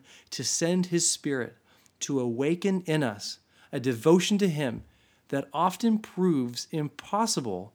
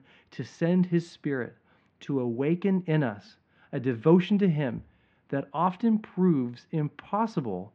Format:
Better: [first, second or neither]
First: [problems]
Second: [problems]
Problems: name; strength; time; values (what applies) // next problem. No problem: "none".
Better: first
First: none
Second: muffled; very; fading above 2.5 kHz